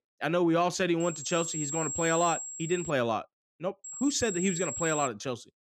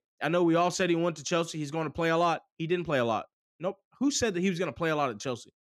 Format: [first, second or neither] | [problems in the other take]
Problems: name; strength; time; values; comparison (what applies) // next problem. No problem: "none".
second | high-pitched whine; loud; from 1 to 3 s and from 4 to 5 s; 7.5 kHz, 5 dB below the speech